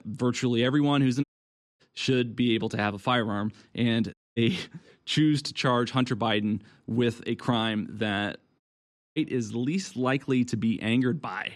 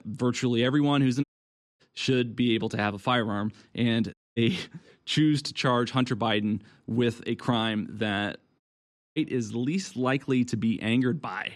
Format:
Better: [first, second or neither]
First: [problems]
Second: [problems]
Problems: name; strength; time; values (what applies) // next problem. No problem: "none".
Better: neither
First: audio cutting out; at 1 s for 0.5 s, at 4 s and at 8.5 s for 0.5 s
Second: audio cutting out; at 1 s for 0.5 s, at 4 s and at 8.5 s for 0.5 s